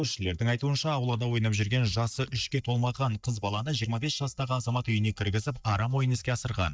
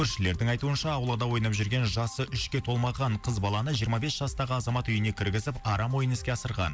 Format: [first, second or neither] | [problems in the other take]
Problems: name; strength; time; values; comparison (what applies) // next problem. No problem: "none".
second | noise reduction (neural mask model DeepFilterNet 3)